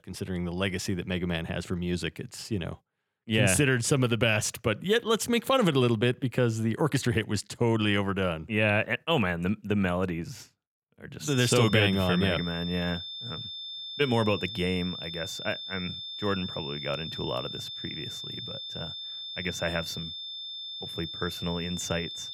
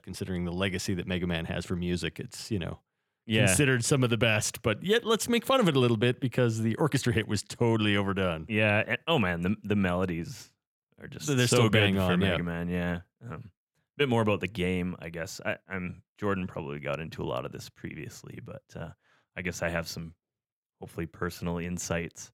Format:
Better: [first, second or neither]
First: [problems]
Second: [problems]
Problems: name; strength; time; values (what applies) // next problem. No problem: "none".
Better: second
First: high-pitched whine; loud; from 11 s on; 3.5 kHz, 8 dB below the speech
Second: none